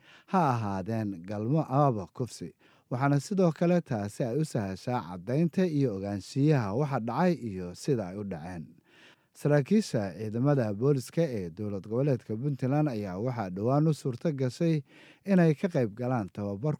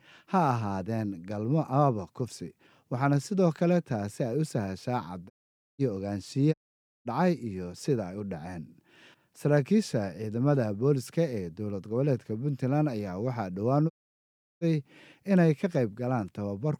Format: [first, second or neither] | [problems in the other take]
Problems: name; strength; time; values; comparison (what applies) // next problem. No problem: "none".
first | audio cutting out; at 5.5 s, at 6.5 s for 0.5 s and at 14 s for 0.5 s